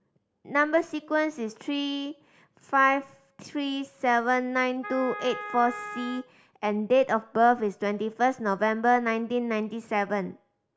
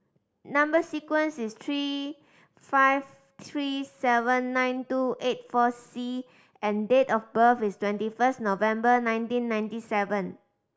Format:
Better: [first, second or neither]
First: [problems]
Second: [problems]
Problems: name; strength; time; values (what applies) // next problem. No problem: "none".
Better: second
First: background sound (Wind instrument, woodwind instrument); 12 dB below the speech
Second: none